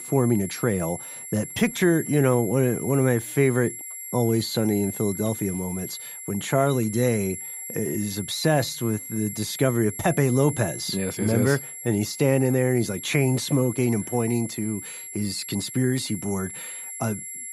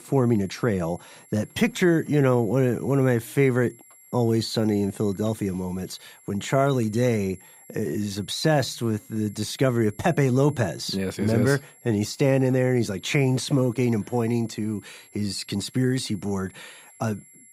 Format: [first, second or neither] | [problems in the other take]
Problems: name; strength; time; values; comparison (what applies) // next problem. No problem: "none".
second | high-pitched whine; loud; throughout; 11 kHz, 9 dB below the speech; faint in the second